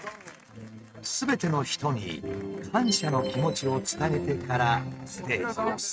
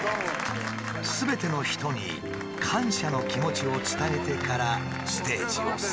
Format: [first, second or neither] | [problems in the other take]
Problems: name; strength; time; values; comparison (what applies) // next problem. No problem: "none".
second | noise reduction (neural mask model RNNoise)